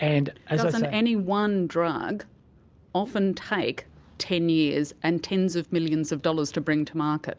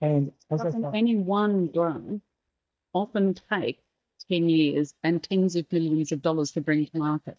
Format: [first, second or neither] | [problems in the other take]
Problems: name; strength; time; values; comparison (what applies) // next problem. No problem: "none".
first | noise reduction (neural mask model DeepFilterNet 3)